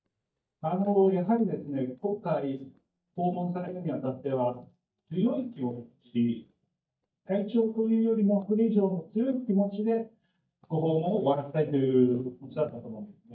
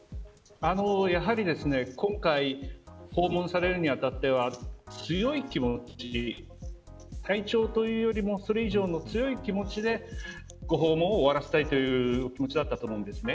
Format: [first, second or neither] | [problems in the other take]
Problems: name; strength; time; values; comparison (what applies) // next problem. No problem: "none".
second | noise reduction (neural mask model DeepFilterNet 3)